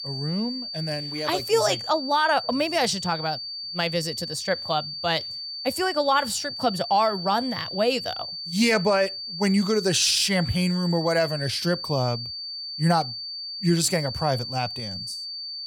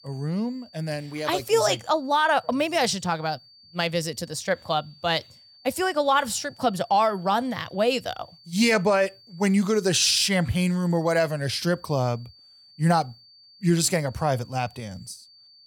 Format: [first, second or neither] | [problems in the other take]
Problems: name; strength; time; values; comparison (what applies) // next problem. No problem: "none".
second | high-pitched whine; loud; throughout; 4.5 kHz, 7 dB below the speech; faint in the second